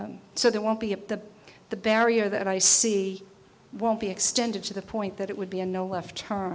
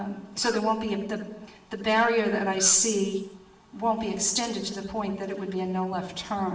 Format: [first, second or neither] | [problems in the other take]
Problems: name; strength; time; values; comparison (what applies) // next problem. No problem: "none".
first | background sound (Cough); 19 dB below the speech // room echo; dies away in 0.8 s